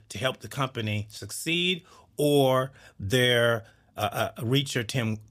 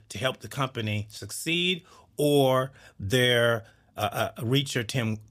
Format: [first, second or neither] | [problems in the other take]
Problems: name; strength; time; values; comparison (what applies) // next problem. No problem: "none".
neither | none